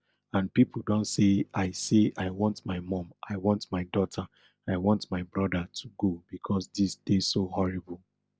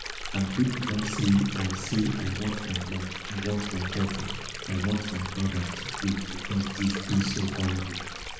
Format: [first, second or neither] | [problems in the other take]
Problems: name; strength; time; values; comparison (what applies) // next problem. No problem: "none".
first | background sound (Stream); 7 dB below the speech // room echo; dies away in 0.9 s